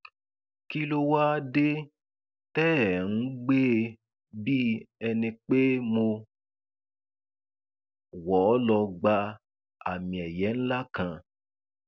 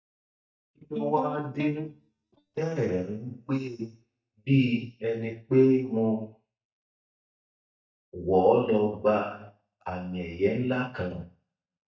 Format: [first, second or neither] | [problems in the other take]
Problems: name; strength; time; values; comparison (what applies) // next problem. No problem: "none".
first | noise reduction (neural mask model DeepFilterNet 3)